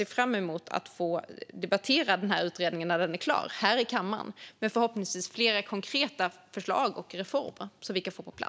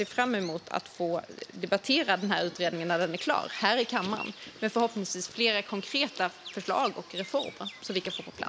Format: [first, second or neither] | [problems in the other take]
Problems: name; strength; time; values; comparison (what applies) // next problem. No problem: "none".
first | background sound (Bird vocalization, bird call, bird song); 15 dB below the speech